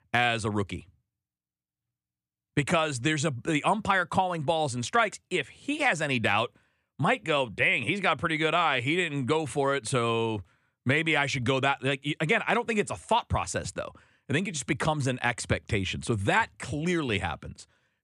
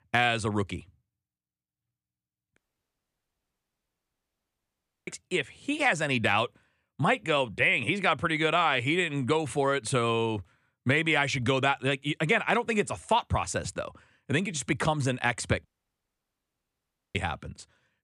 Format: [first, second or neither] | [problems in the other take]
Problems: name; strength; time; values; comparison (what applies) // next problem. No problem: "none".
first | audio cutting out; at 2.5 s for 2.5 s and at 16 s for 1.5 s